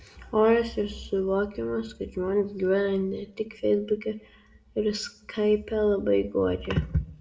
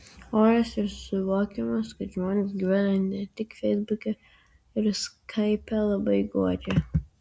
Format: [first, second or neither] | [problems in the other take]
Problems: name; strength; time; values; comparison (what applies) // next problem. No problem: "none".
second | room echo; dies away in 0.5 s